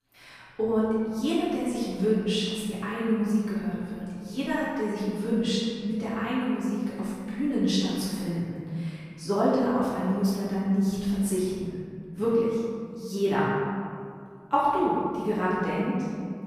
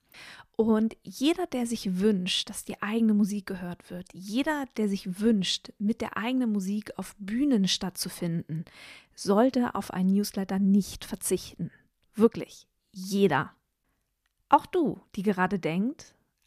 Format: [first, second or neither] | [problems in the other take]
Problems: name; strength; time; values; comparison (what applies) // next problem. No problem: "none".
second | room echo; strong; dies away in 2 s // off-mic speech; far